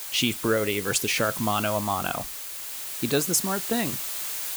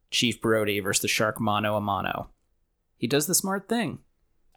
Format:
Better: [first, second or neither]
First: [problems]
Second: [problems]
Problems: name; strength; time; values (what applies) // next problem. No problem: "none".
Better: second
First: hiss; loud; throughout; 5 dB below the speech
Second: none